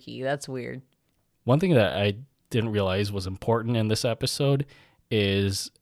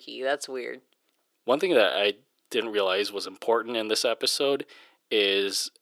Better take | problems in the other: first | thin; very; fading below 350 Hz

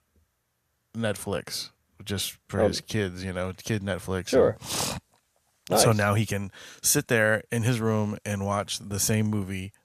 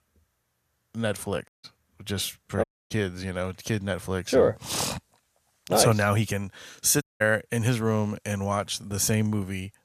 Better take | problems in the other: first | audio cutting out; at 1.5 s, at 2.5 s and at 7 s

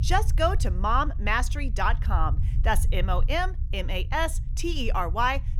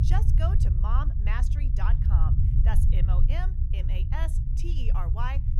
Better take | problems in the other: first | low rumble; loud; throughout; 4 dB below the speech; faint in the first

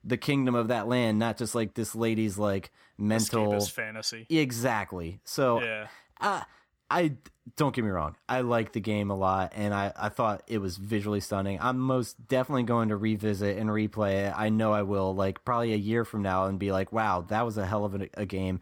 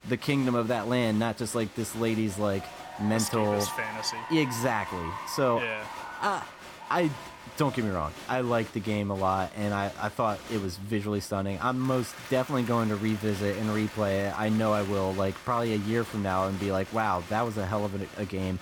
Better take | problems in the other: first | crowd noise; noticeable; throughout; 10 dB below the speech

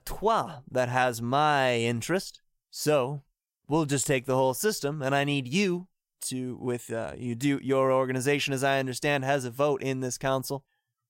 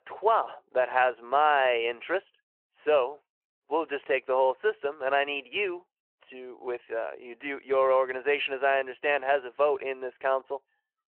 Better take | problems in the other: first | phone-call audio

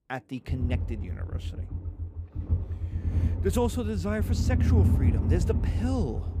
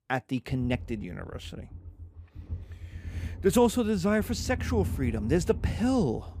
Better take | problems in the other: second | low rumble; loud; throughout; 7 dB below the speech; faint in the second

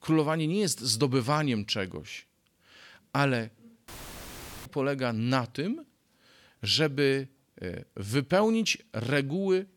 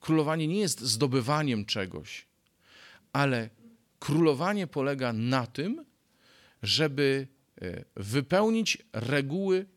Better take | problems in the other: second | audio cutting out; filled with static; at 4 s for 1 s

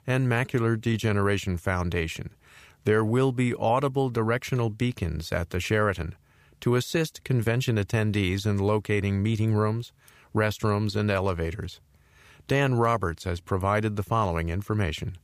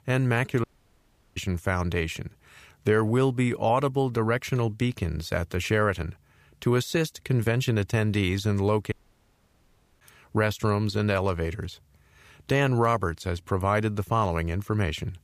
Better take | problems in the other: first | audio cutting out; at 0.5 s for 0.5 s and at 9 s for 1 s

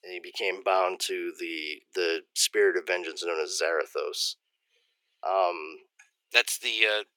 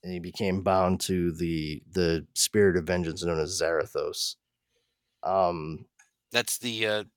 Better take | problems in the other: second | thin; very; fading below 350 Hz

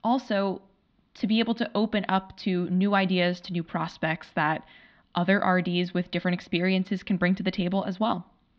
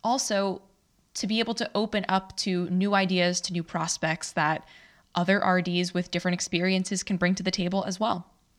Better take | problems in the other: second | muffled; slightly; fading above 4 kHz

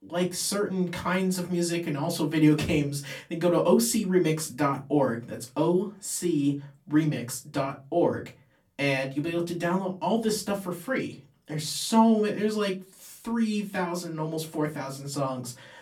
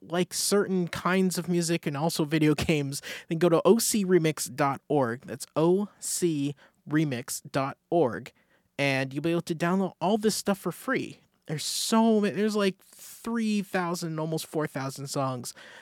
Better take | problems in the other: second | off-mic speech; far // room echo; very slight; dies away in 0.2 s

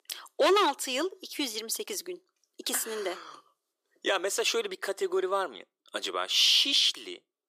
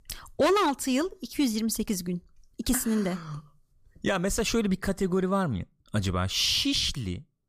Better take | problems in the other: second | thin; very; fading below 350 Hz

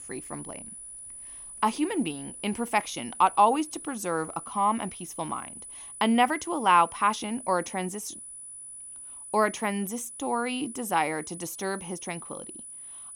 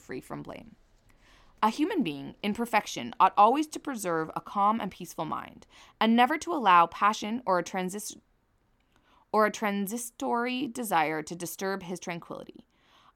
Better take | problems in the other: second | high-pitched whine; noticeable; throughout; 10 kHz, 10 dB below the speech

